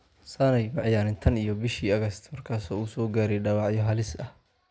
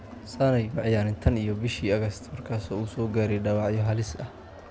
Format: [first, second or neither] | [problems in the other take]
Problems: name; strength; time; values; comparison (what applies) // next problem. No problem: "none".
first | background sound (Crowd); 15 dB below the speech